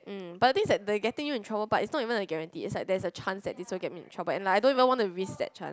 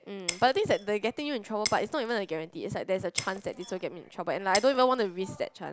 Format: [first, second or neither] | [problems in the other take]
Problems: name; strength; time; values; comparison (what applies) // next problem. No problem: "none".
first | background sound (Shatter); 11 dB below the speech